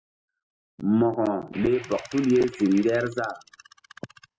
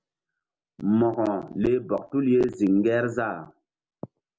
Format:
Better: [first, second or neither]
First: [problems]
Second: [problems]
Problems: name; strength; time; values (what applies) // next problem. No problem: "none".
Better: second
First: noise reduction (classical method spectral subtraction)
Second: none